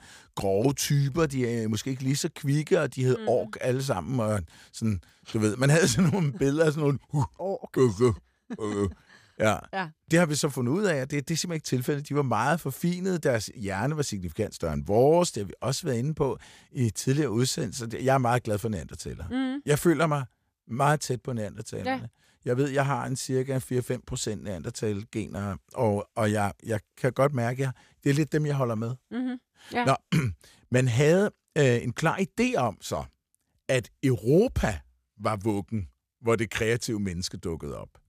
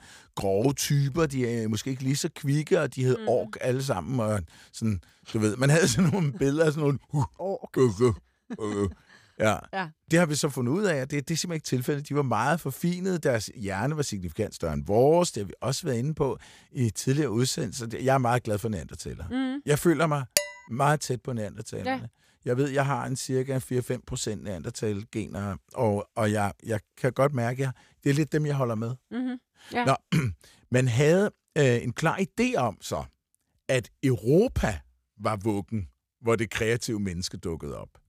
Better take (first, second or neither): first